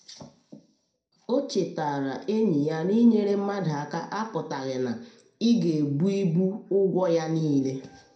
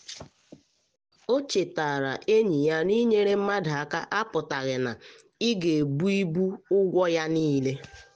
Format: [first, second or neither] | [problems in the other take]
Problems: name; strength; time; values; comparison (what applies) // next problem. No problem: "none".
second | room echo; dies away in 0.4 s